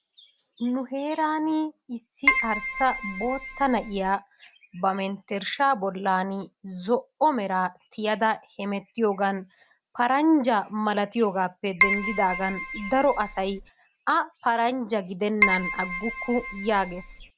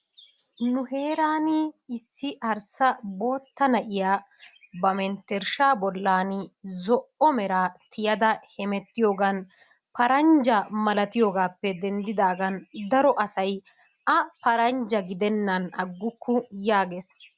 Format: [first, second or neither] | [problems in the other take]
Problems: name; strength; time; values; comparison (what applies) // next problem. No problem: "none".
second | background sound (Keyboard (musical)); 2 dB below the speech